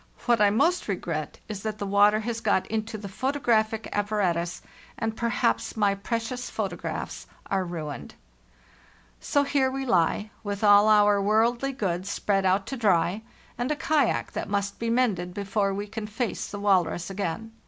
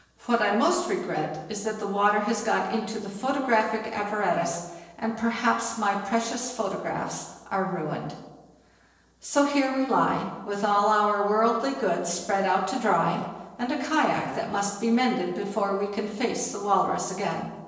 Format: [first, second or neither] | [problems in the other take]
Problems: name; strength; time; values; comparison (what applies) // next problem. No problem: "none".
first | noise reduction (neural separator model SepFormer DNS4)